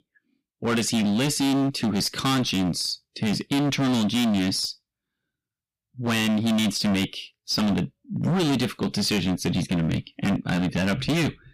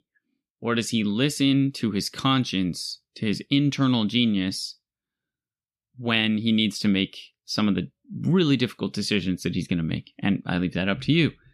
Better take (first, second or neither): second